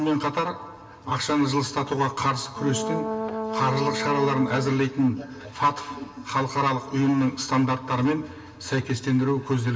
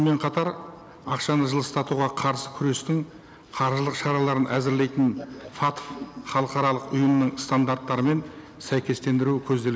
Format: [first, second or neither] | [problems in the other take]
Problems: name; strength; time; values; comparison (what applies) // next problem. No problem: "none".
second | background sound (Brass instrument); 5 dB below the speech // room echo; dies away in 0.2 s